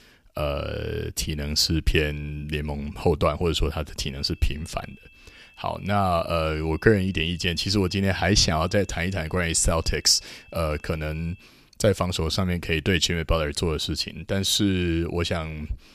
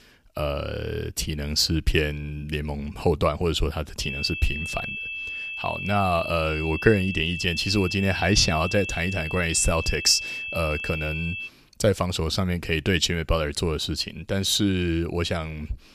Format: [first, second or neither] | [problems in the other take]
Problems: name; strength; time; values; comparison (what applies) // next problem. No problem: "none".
first | high-pitched whine; loud; from 4 to 11 s; 2.5 kHz, 6 dB below the speech; faint in the first